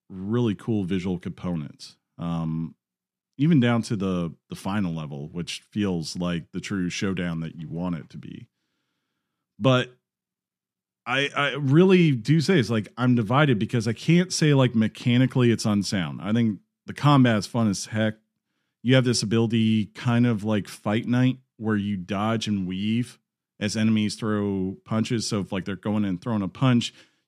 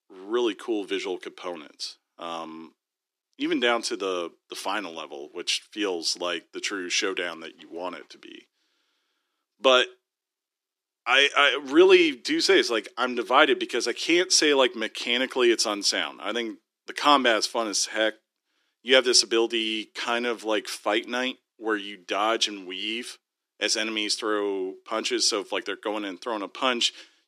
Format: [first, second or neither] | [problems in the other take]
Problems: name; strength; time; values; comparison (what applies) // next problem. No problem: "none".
first | thin; very; fading below 350 Hz